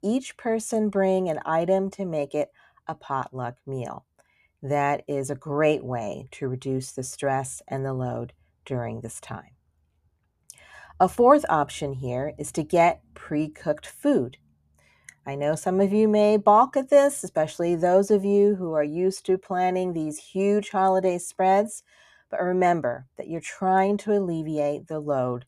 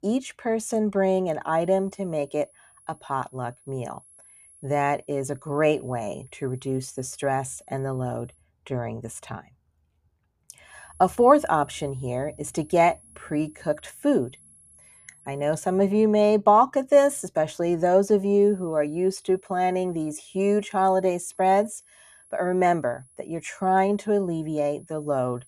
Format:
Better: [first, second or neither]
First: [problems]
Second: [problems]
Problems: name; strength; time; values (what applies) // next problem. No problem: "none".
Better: first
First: none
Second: high-pitched whine; faint; from 1.5 to 8.5 s, from 11 to 16 s and from 18 s on; 10.5 kHz, 30 dB below the speech